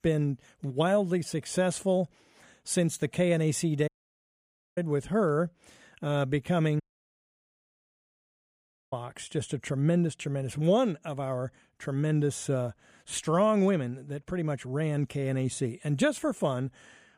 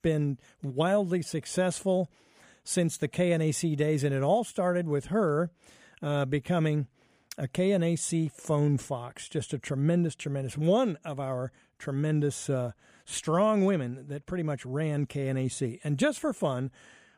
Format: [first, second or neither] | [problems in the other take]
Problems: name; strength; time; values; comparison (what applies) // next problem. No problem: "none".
second | audio cutting out; at 4 s for 1 s and at 7 s for 2 s